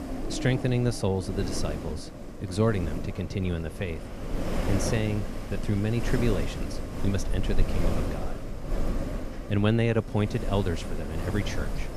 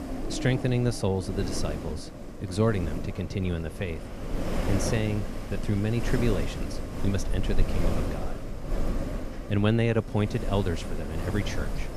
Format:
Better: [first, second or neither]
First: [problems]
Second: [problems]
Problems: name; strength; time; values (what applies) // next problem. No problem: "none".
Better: neither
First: wind noise on the microphone; heavy; 6 dB below the speech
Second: wind noise on the microphone; heavy; 6 dB below the speech